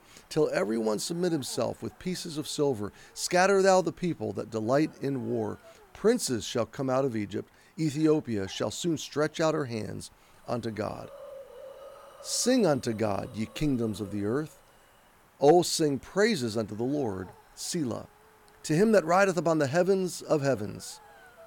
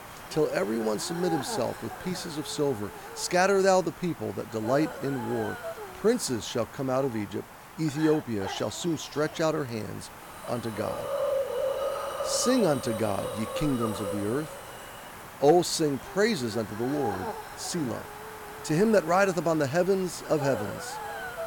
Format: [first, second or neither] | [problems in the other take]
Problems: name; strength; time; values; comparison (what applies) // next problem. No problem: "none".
first | hiss; loud; throughout; 9 dB below the speech; faint in the first